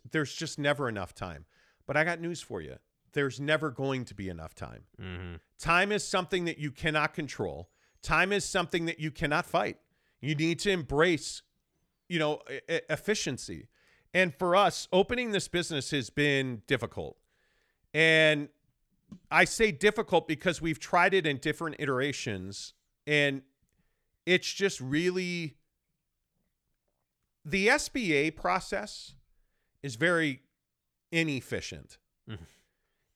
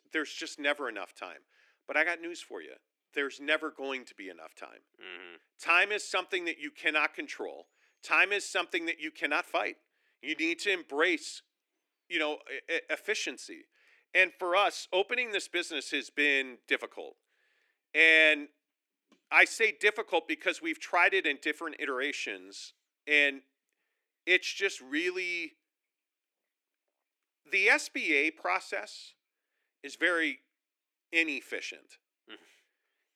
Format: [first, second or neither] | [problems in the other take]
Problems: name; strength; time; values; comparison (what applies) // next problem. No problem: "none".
first | thin; somewhat; fading below 300 Hz